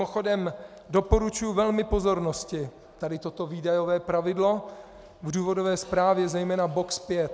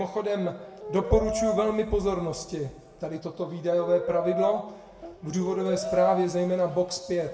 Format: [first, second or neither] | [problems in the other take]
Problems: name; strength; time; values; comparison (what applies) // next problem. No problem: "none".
first | background sound (Brass instrument); 5 dB below the speech // room echo; dies away in 0.9 s